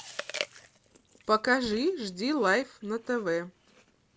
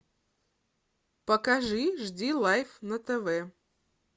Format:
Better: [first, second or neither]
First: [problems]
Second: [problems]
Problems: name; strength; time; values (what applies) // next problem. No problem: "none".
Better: second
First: background sound (Chewing, mastication); 15 dB below the speech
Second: none